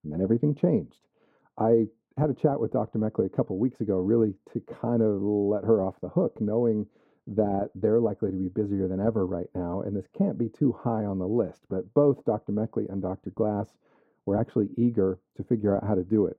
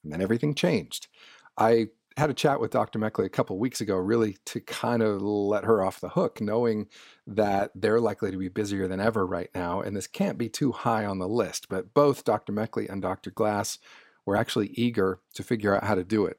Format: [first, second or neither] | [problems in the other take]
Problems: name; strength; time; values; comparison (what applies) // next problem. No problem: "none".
second | muffled; very; fading above 1.5 kHz